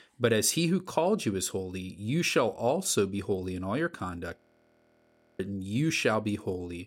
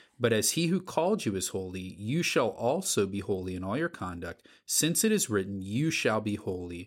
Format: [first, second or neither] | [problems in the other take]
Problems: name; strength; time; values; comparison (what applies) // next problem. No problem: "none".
second | audio freezing; at 4.5 s for 1 s